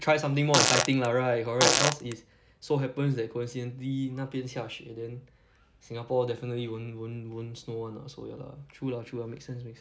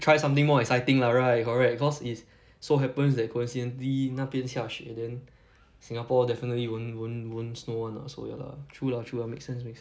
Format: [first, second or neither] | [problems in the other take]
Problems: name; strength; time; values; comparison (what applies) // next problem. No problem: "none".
second | background sound (Fart); 4 dB above the speech